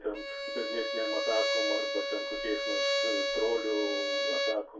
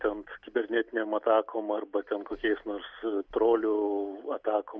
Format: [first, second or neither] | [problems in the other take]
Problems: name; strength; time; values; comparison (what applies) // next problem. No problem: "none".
second | background sound (Bowed string instrument); 3 dB above the speech // room echo; dies away in 0.2 s